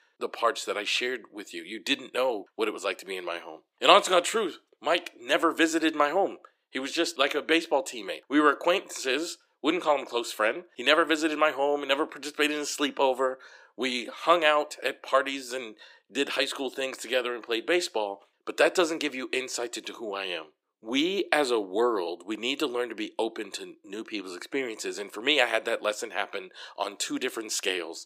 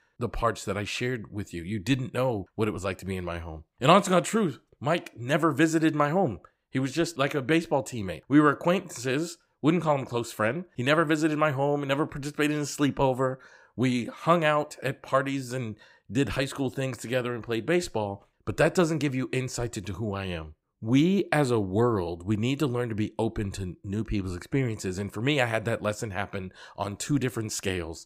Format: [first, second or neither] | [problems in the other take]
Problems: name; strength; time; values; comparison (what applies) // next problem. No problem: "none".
second | thin; somewhat; fading below 350 Hz